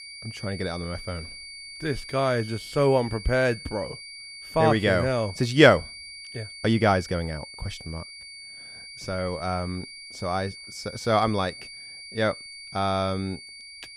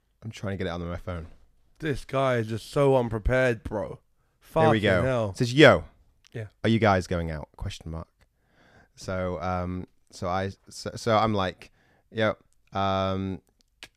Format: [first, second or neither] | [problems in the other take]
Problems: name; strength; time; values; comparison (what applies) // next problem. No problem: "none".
second | high-pitched whine; noticeable; throughout; 4.5 kHz, 15 dB below the speech